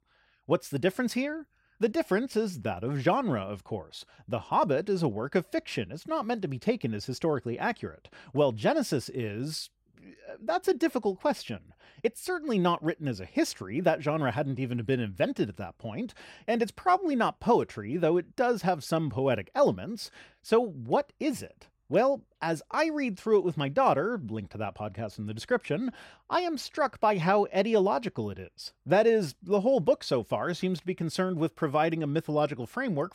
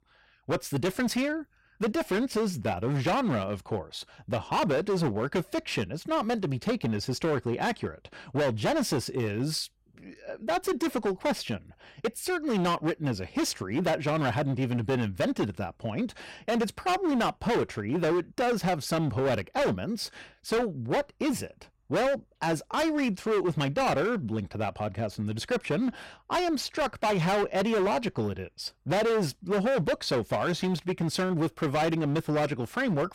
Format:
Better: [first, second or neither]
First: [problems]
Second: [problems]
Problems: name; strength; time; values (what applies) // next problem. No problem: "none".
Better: first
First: none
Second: distortion; heavy; 17% of the sound clipped